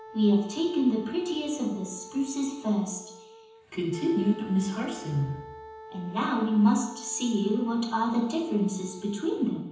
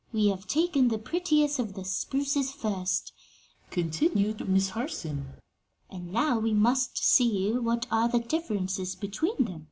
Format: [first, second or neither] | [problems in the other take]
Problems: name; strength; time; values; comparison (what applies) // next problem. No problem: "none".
second | background sound (Wind instrument, woodwind instrument); 18 dB below the speech // room echo; dies away in 0.9 s